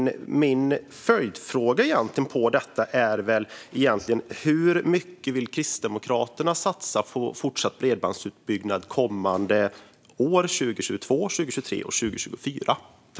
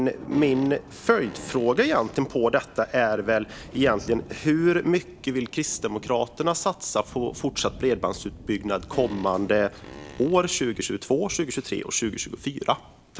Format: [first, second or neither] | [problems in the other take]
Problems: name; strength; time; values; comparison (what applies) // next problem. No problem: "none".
first | background sound (Fart + Thunder); 18 dB below the speech